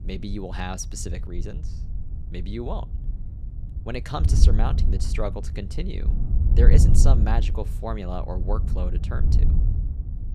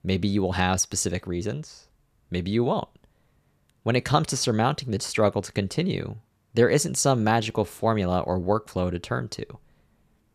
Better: second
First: wind noise on the microphone; heavy; 7 dB below the speech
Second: none

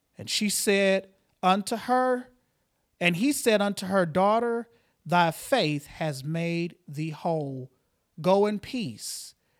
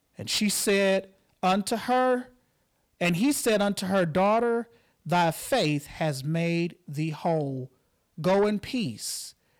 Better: first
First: none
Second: distortion; slight; 10 dB below the speech

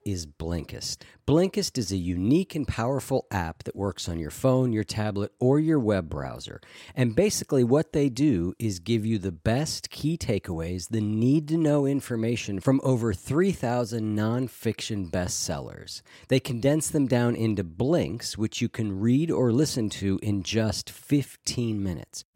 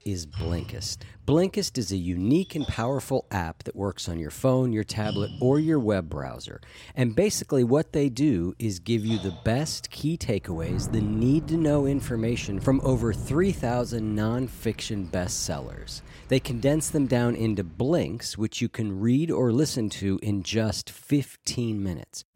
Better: first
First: none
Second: rain or running water; noticeable; until 18 s; 10 dB below the speech

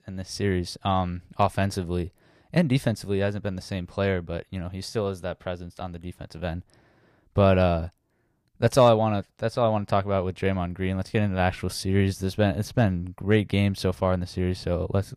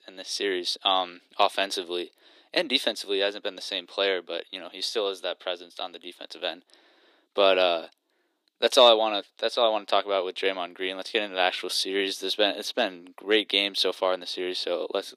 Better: first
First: none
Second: thin; very; fading below 300 Hz

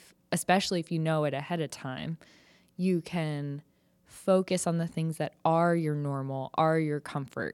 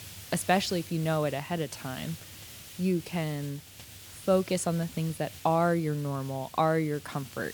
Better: first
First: none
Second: hiss; noticeable; throughout; 15 dB below the speech

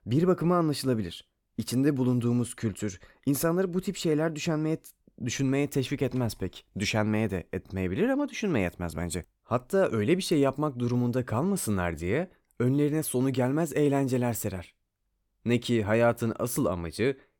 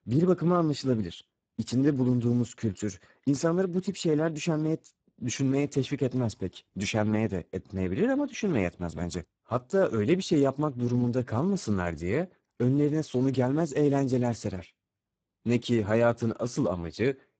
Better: first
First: none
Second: garbled, watery; badly; nothing above 7.5 kHz

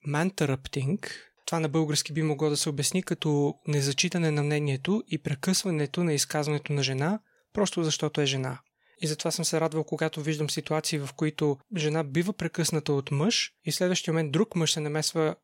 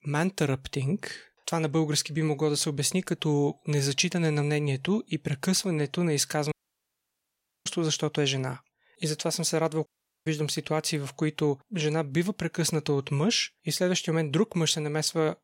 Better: first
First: none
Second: audio cutting out; at 6.5 s for 1 s and at 10 s

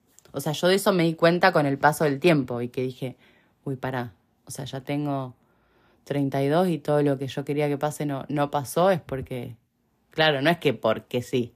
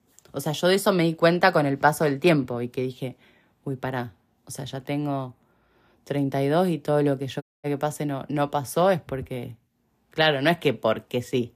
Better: first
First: none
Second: audio cutting out; at 7.5 s

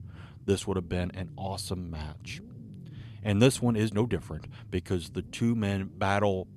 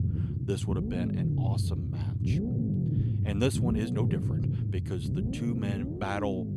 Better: first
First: low rumble; faint; throughout; 25 dB below the speech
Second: low rumble; loud; throughout; 2 dB below the speech

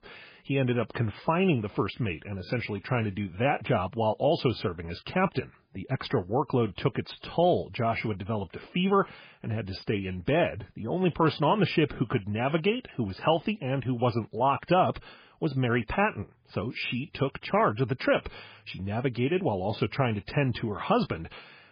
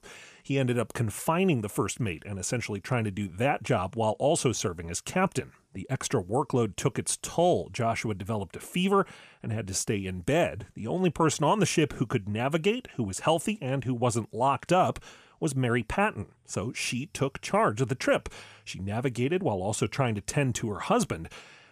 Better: second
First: garbled, watery; badly; nothing above 5 kHz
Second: none

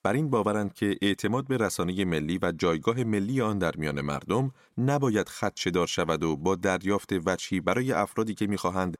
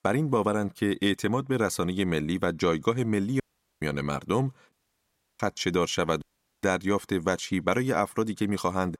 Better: first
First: none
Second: audio cutting out; at 3.5 s, at 4.5 s for 0.5 s and at 6 s

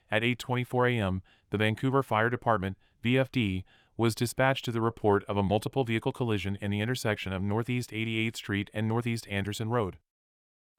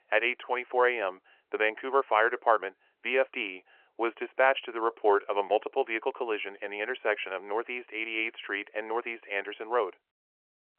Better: first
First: none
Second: phone-call audio

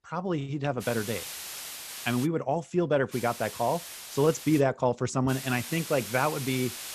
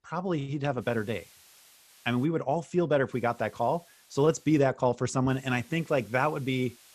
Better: second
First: hiss; loud; from 1 to 2.5 s, from 3 to 4.5 s and from 5.5 s on; 10 dB below the speech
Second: hiss; faint; from 1 to 2.5 s, from 3 to 4.5 s and from 5.5 s on; 25 dB below the speech

